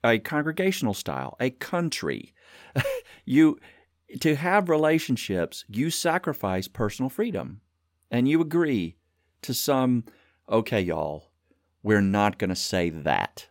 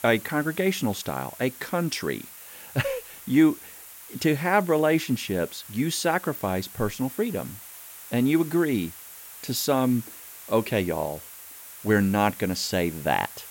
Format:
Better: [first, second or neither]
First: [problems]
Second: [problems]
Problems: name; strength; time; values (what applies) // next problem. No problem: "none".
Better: first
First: none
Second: hiss; noticeable; throughout; 15 dB below the speech